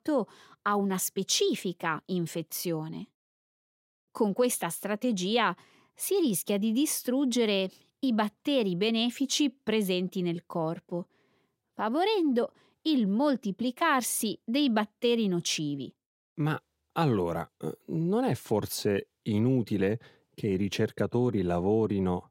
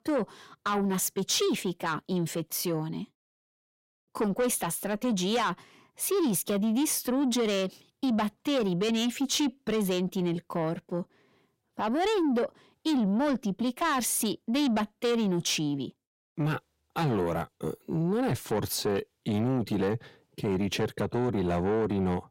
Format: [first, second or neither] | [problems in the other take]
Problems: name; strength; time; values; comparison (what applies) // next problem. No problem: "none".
first | distortion; slight; 10 dB below the speech